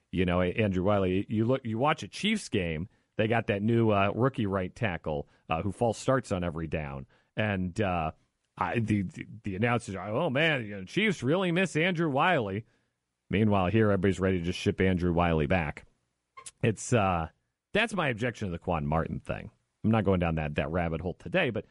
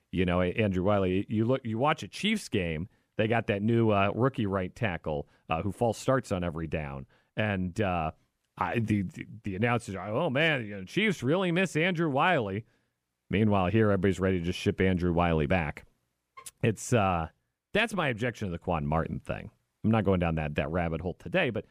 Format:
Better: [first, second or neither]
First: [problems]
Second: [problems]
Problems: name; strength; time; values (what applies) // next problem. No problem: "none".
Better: second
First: garbled, watery; slightly; nothing above 11 kHz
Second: none